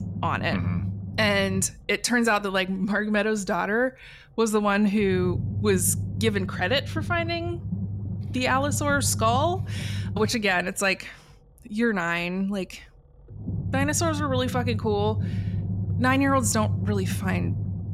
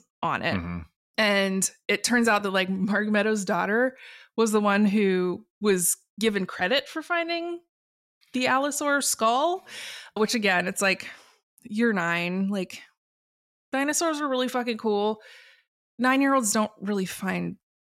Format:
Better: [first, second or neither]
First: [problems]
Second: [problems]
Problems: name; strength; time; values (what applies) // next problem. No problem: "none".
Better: second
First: low rumble; noticeable; throughout; 15 dB below the speech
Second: none